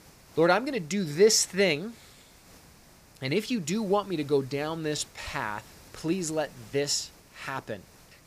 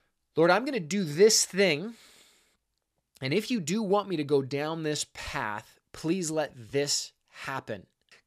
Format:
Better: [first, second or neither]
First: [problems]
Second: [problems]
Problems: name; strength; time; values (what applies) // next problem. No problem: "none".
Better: second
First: hiss; faint; throughout; 25 dB below the speech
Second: none